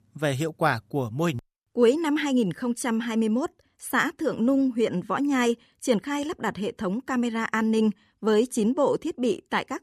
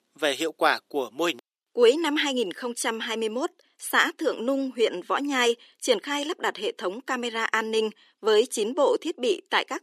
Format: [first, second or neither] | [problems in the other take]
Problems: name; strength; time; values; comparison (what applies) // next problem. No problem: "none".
first | thin; somewhat; fading below 350 Hz